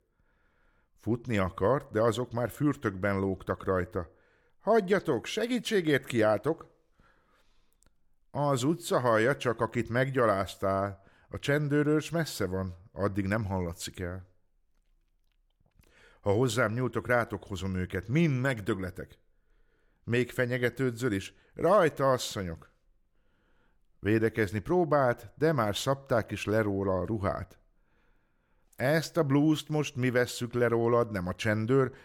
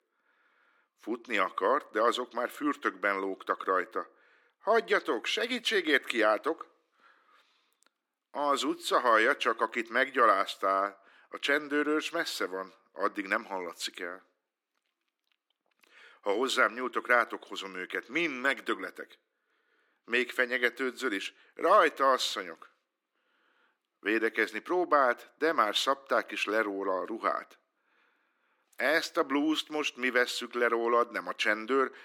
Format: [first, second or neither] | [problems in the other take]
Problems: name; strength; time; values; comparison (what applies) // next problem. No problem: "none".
first | thin; somewhat; fading below 250 Hz